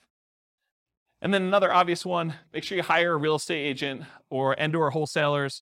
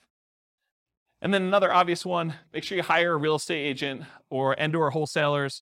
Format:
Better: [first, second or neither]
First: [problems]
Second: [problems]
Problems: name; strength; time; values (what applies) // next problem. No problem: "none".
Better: neither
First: none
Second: none